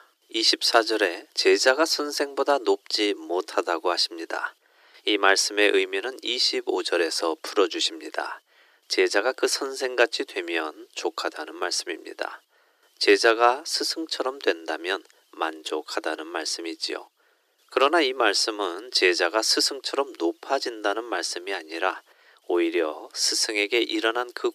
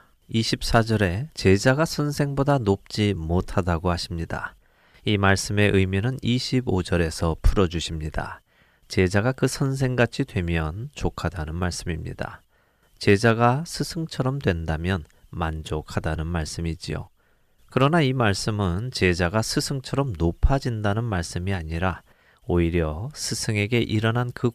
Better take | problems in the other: second | thin; very; fading below 300 Hz

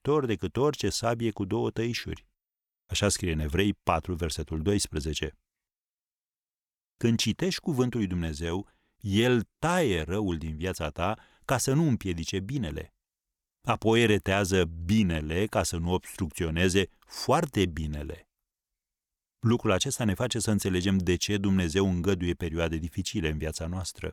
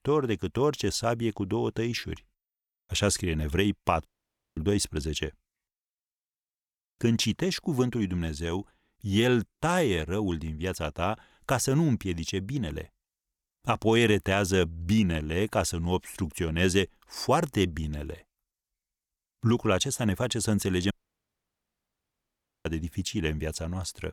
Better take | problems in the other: first | audio cutting out; at 4 s for 0.5 s and at 21 s for 1.5 s

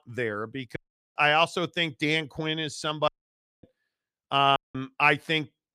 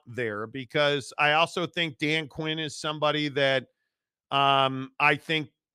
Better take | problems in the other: second | audio cutting out; at 1 s, at 3 s for 0.5 s and at 4.5 s

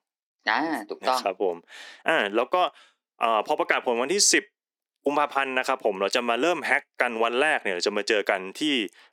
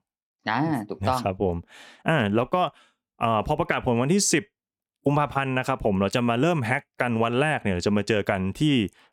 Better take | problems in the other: second | thin; somewhat; fading below 300 Hz

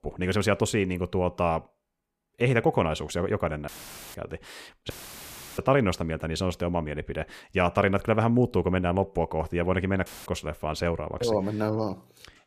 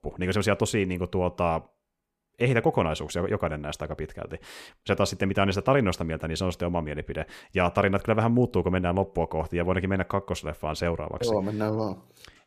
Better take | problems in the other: second | audio cutting out; filled with static; at 3.5 s, at 5 s for 0.5 s and at 10 s

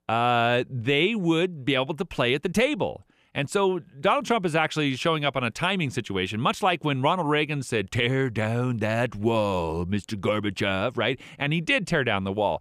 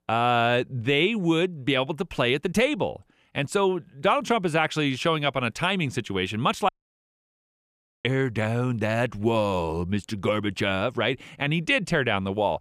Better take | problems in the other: first | audio cutting out; at 6.5 s for 1.5 s

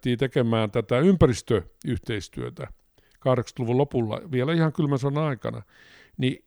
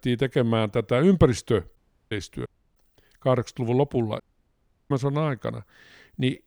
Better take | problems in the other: first | audio cutting out; at 2 s, at 2.5 s and at 4 s for 0.5 s

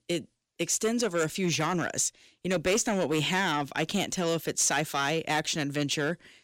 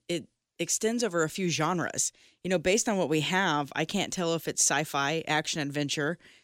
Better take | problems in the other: second | distortion; slight; 7% of the sound clipped

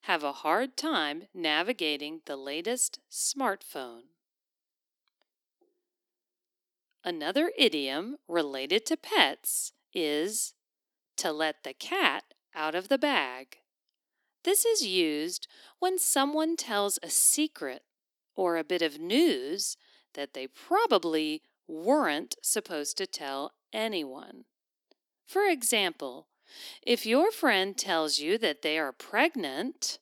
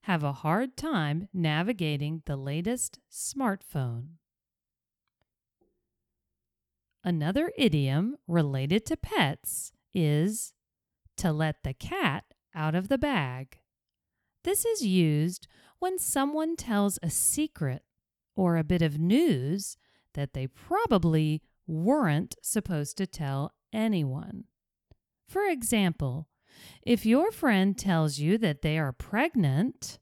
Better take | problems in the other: second | thin; somewhat; fading below 300 Hz

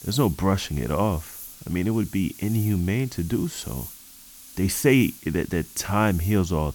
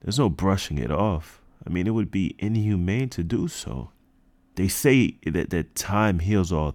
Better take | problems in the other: second | hiss; noticeable; throughout; 15 dB below the speech

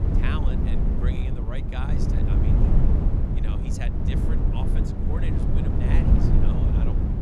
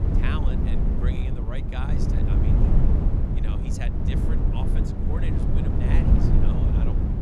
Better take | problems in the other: neither | wind noise on the microphone; heavy; 5 dB above the speech; the same in both

